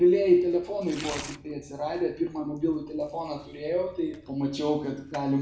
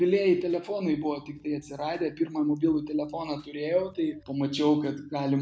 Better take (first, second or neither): second